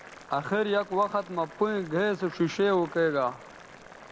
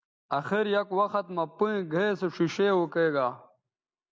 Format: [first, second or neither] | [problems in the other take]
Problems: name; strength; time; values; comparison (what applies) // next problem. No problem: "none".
second | background sound (Boiling); 19 dB below the speech